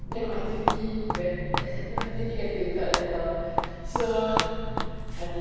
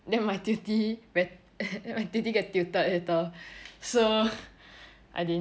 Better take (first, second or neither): second